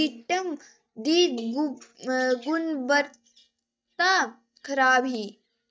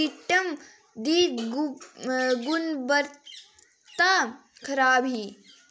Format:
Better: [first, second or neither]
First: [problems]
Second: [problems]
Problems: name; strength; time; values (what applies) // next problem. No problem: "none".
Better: second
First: noise reduction (neural mask model DeepFilterNet 3)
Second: none